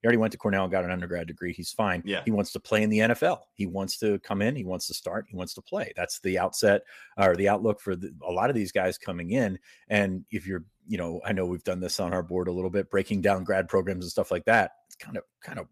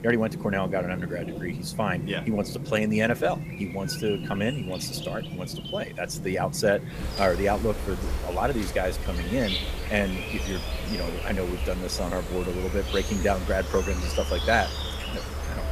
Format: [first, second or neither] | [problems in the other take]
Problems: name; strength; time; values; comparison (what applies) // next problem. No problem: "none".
first | animal sounds; loud; throughout; 5 dB below the speech